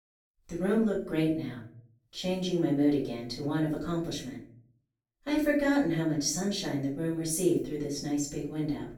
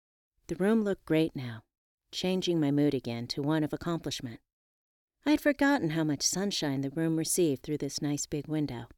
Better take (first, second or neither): second